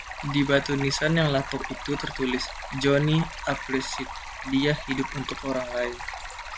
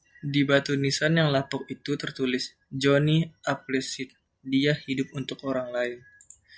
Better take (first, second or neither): second